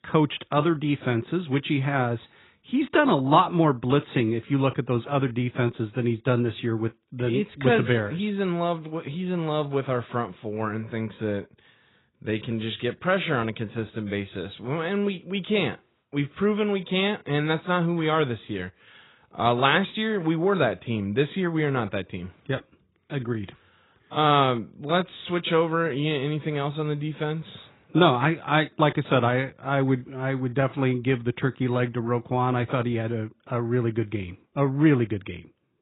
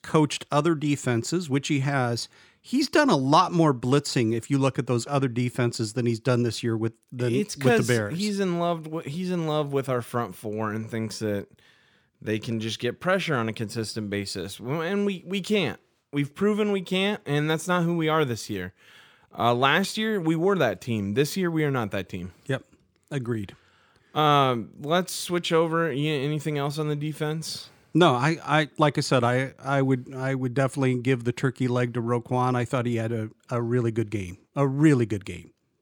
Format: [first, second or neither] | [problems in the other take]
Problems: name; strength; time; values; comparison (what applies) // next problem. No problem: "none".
second | garbled, watery; badly; nothing above 4 kHz